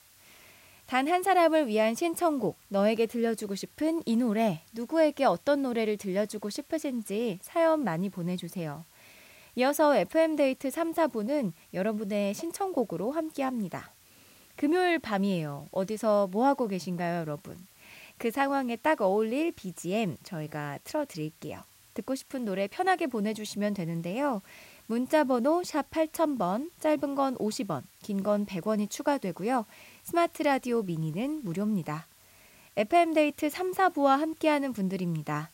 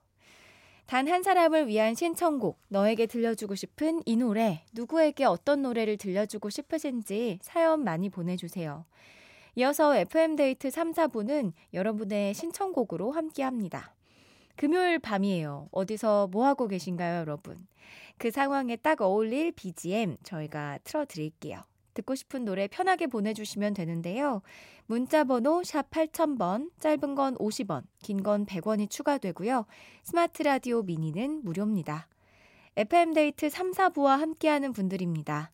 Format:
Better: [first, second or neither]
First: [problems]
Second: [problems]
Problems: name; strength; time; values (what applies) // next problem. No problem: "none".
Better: second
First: hiss; faint; throughout; 25 dB below the speech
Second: none